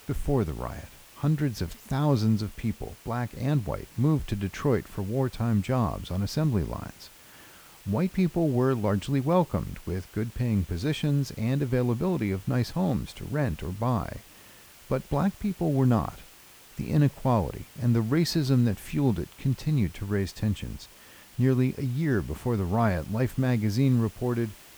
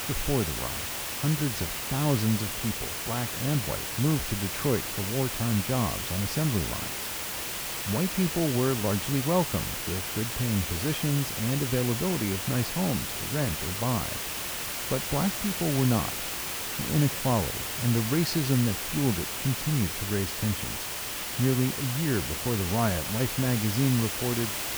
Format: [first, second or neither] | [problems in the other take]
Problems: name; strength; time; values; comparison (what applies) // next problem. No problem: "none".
first | hiss; loud; throughout; 2 dB below the speech; faint in the first